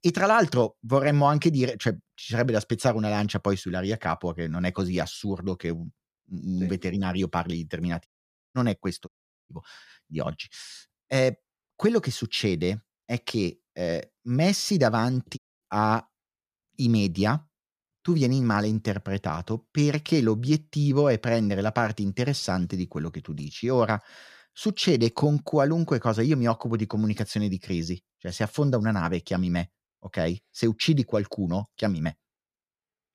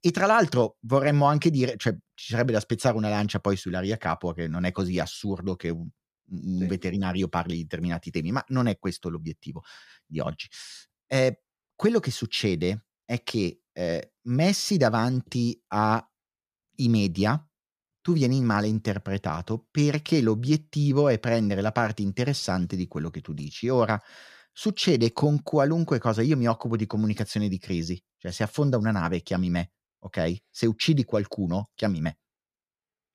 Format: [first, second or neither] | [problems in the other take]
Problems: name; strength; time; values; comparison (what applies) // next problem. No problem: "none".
second | audio cutting out; at 8 s, at 9 s and at 15 s